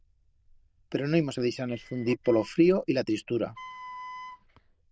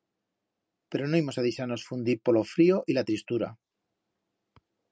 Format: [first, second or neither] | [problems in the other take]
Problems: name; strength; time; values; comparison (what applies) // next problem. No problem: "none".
second | noise reduction (neural diffusion model UNIVERSE++)